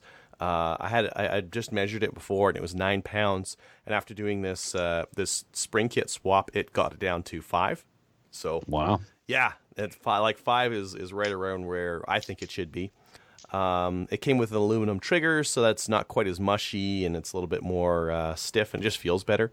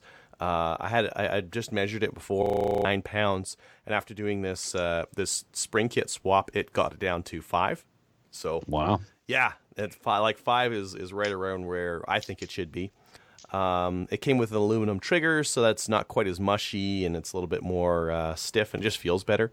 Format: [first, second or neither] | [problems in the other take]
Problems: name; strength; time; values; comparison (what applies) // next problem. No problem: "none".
first | audio freezing; at 2.5 s